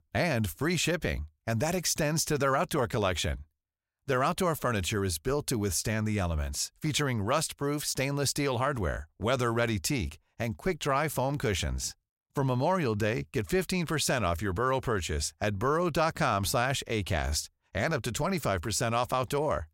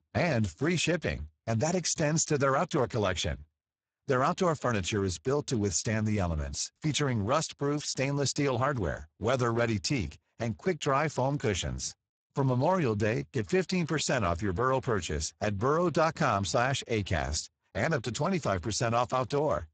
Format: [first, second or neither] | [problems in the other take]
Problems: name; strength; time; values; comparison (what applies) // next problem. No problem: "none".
first | garbled, watery; badly; nothing above 7.5 kHz